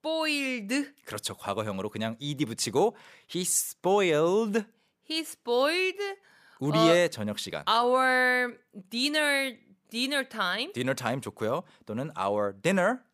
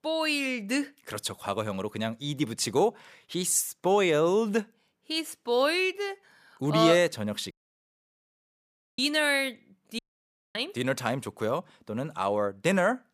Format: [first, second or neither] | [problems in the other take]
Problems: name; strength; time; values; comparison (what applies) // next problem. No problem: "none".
first | audio cutting out; at 7.5 s for 1.5 s and at 10 s for 0.5 s